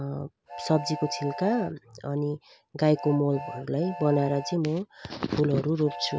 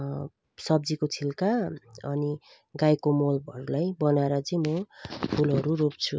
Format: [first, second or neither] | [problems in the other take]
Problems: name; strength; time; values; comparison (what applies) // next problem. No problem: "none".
second | background sound (Train); 14 dB below the speech